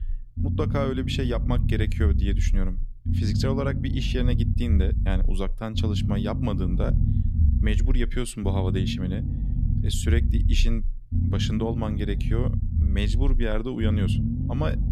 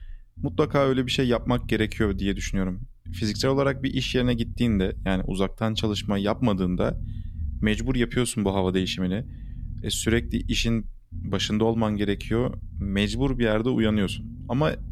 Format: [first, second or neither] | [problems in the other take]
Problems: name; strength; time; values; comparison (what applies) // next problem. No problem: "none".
second | low rumble; loud; throughout; 6 dB below the speech; faint in the second